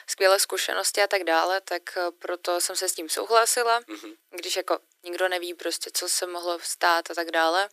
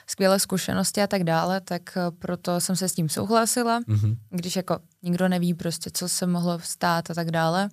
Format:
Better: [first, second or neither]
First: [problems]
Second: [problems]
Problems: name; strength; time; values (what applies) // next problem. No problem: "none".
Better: second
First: thin; very; fading below 300 Hz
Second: none